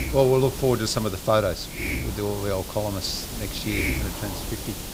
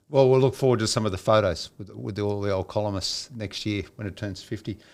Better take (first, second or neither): second